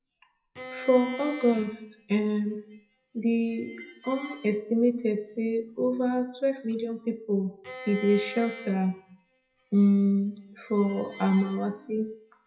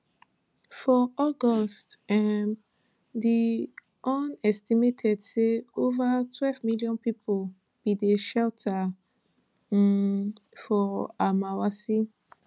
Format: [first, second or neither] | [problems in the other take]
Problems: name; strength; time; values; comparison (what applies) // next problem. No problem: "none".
second | noise reduction (classical method WPE with log-MMSE)